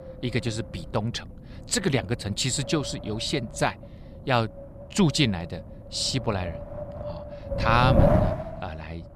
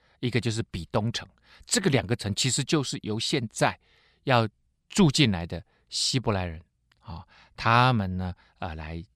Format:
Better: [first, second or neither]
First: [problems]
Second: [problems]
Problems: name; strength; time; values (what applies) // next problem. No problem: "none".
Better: second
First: wind noise on the microphone; heavy; 4 dB below the speech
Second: none